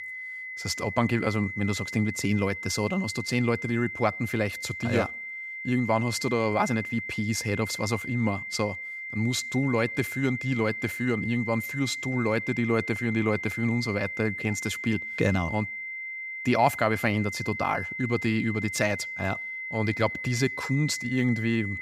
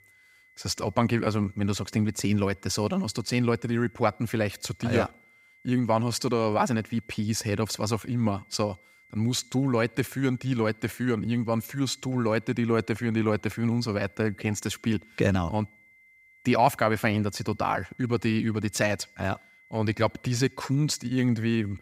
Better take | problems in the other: second | high-pitched whine; loud; throughout; 2 kHz, 6 dB below the speech; faint in the second

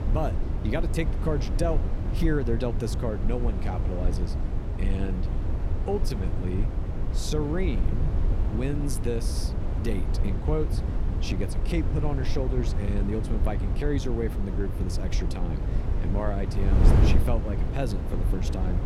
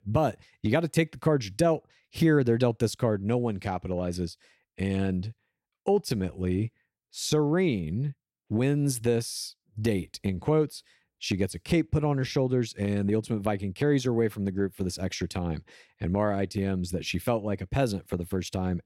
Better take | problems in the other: second | wind noise on the microphone; heavy; 5 dB below the speech

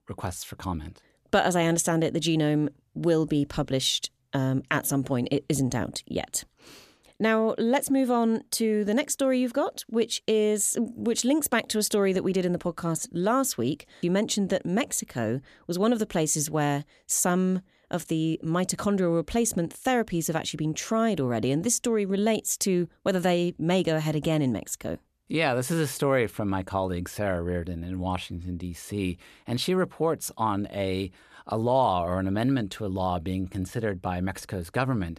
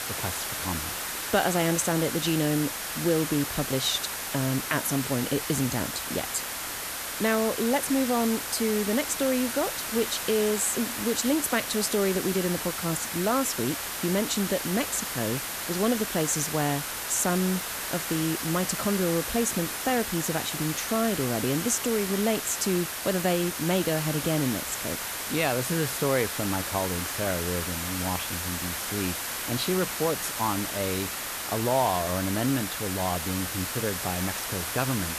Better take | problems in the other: first | hiss; loud; throughout; 3 dB below the speech

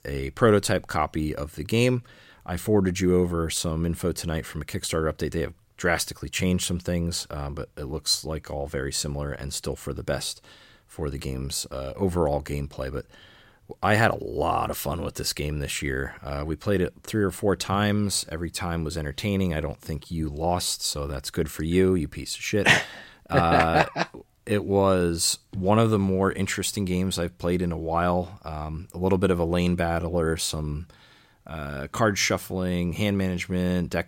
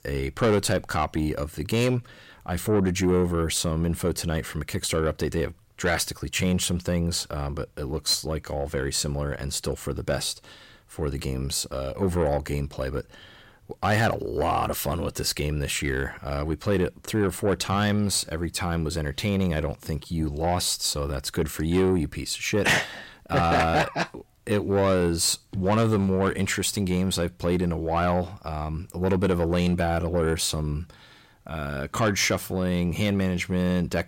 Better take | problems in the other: first | distortion; slight; 10 dB below the speech

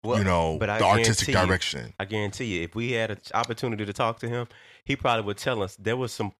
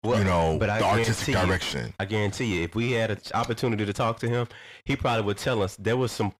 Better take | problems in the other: first | distortion; heavy; 7 dB below the speech

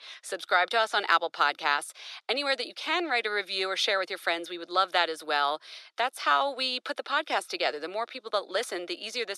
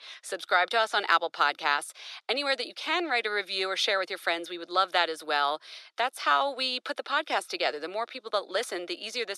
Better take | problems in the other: neither | thin; very; fading below 500 Hz; the same in both

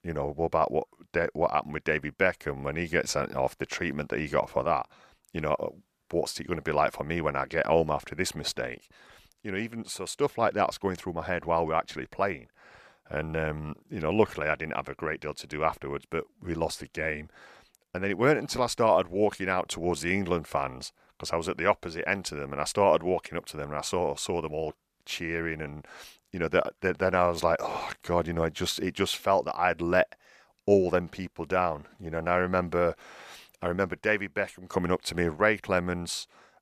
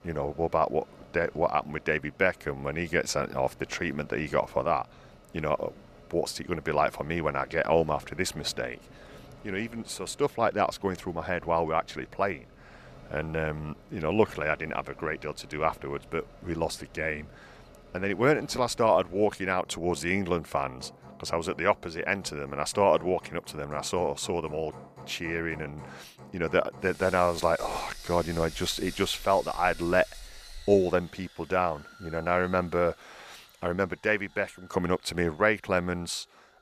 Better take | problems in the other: first | machinery noise; faint; throughout; 20 dB below the speech

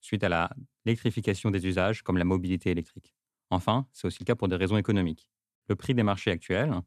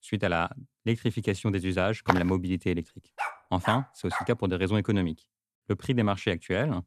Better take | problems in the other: first | footsteps; noticeable; at 2 s; peak 1 dB below the speech // dog barking; noticeable; from 3 to 4.5 s; peak 5 dB below the speech

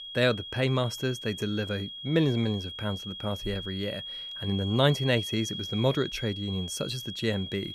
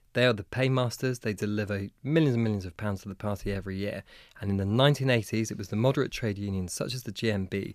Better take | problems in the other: second | high-pitched whine; loud; throughout; 3.5 kHz, 7 dB below the speech

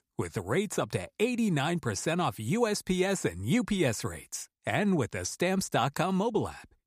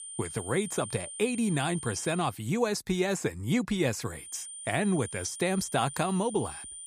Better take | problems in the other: first | high-pitched whine; loud; until 2.5 s and from 4 s on; 9 kHz, 10 dB below the speech

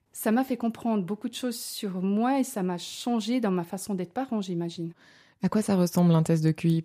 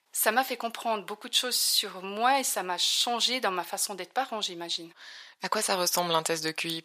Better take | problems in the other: first | thin; very; fading below 900 Hz

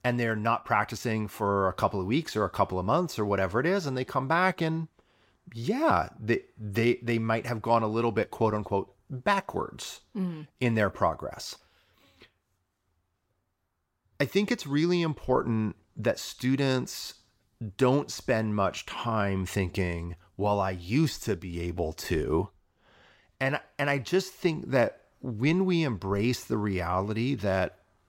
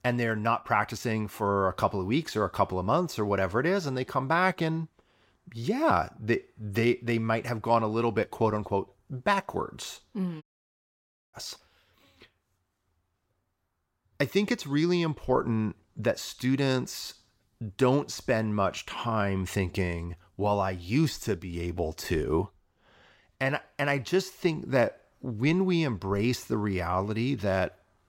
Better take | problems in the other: first | audio cutting out; at 10 s for 1 s

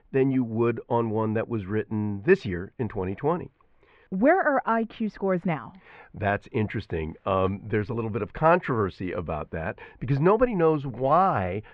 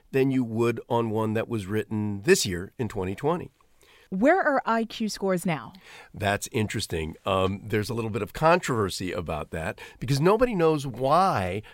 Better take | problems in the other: second | muffled; very; fading above 2 kHz

